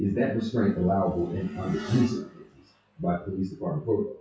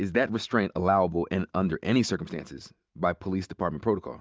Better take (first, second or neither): second